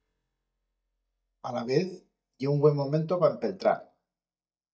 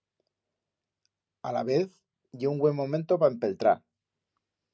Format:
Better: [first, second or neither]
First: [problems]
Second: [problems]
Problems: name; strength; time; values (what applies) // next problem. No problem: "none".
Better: second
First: noise reduction (neural mask model DeepFilterNet 3)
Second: none